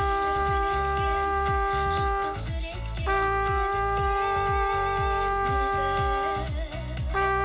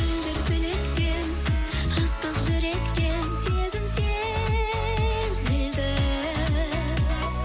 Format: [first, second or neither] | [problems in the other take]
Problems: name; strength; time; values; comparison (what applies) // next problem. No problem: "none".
second | background sound (Trumpet); 4 dB above the speech // room echo; dies away in 2 s